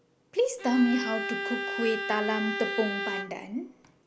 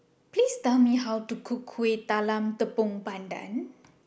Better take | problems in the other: second | background sound (Bowed string instrument); 4 dB below the speech

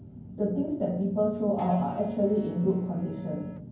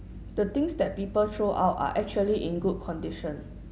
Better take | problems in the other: second | background sound (Electric guitar); 18 dB below the speech // room echo; dies away in 0.9 s

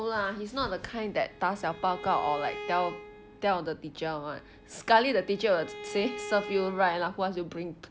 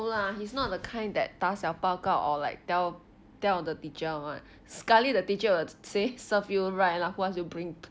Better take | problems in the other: second | background sound (Bowed string instrument); 14 dB below the speech

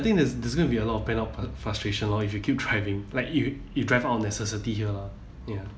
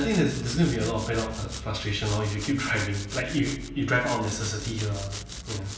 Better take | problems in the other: first | background sound (Domestic sounds, home sounds); 13 dB below the speech // room echo; dies away in 0.8 s

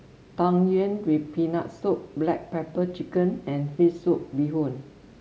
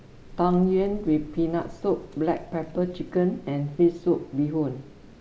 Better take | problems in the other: first | background sound (Bird); 18 dB below the speech

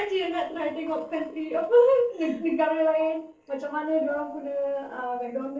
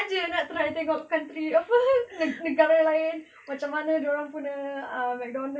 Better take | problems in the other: second | noise reduction (neural separator model SepFormer DNS4)

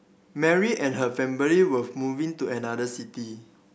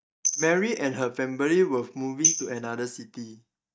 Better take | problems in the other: first | noise reduction (neural mask model DeepFilterNet 3)

